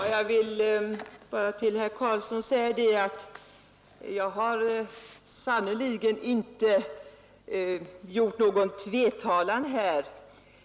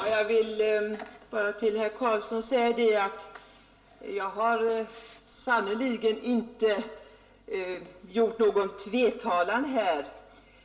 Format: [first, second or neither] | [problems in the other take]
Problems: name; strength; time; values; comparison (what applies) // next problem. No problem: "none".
first | room echo; dies away in 0.4 s